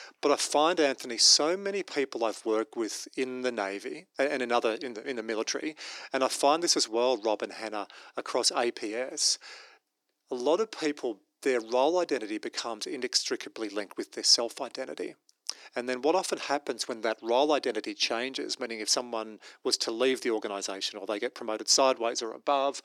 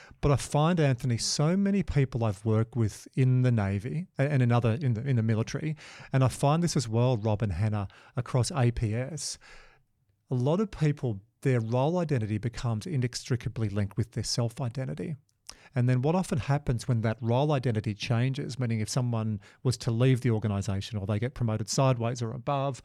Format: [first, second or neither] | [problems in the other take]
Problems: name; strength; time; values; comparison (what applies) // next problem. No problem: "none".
second | thin; very; fading below 300 Hz